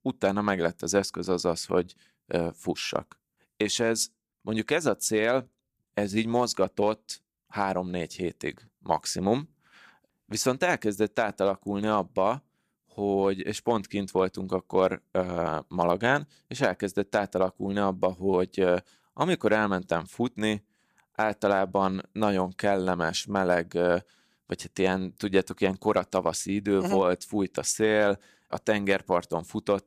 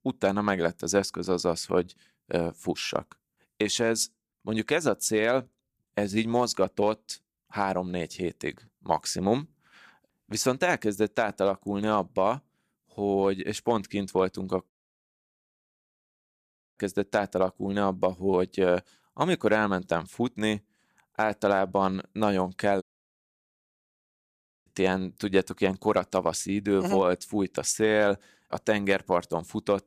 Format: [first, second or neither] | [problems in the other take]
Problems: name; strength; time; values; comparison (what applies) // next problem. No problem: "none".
first | audio cutting out; at 15 s for 2 s and at 23 s for 2 s